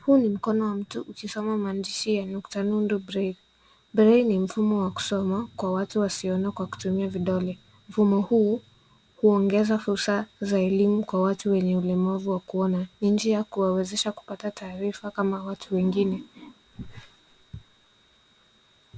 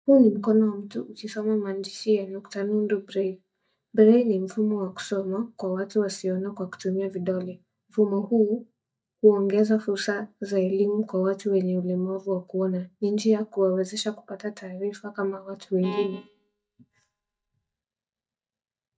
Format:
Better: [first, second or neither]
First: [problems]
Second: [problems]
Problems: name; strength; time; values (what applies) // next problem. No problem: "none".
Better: first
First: none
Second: noise reduction (neural mask model DeepFilterNet 3)